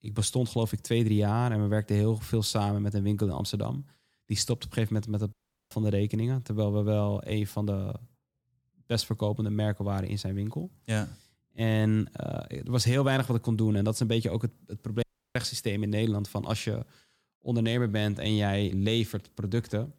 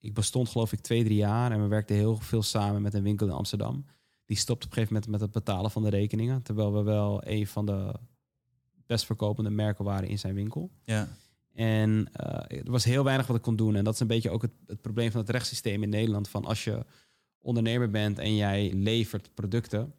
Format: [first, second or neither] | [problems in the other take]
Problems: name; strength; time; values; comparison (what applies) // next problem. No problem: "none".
second | audio cutting out; at 5.5 s and at 15 s